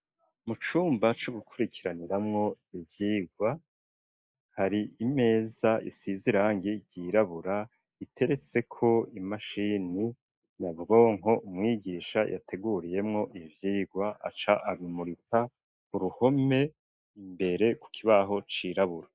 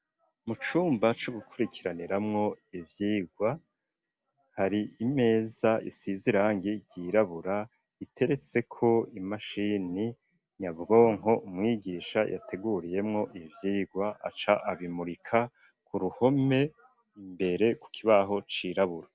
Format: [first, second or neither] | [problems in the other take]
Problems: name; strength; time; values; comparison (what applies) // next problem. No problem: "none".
second | noise reduction (neural mask model Resemble Enhance denoiser)